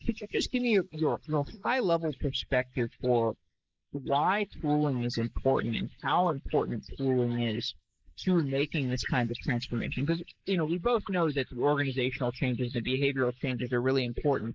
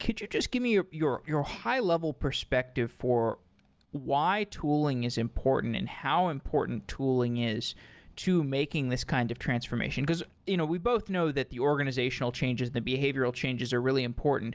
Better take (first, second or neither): second